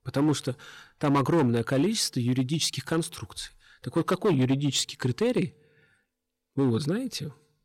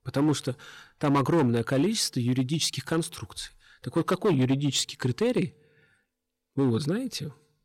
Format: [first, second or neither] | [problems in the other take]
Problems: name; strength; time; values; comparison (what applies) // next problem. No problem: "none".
neither | distortion; slight; 6% of the sound clipped; the same in both